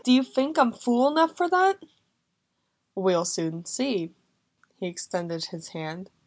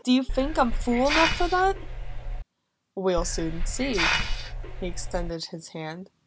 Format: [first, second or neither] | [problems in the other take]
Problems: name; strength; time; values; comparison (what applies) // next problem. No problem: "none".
first | background sound (Hiss); as loud as the speech